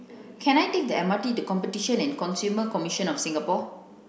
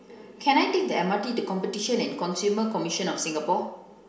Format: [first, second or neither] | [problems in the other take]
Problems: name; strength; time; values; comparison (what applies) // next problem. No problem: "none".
first | room echo; dies away in 0.6 s